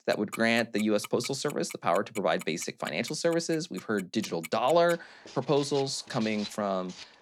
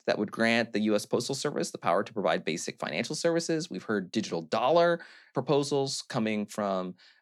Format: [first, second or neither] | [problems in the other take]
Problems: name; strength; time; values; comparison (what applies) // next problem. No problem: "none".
second | household noises; noticeable; throughout; 15 dB below the speech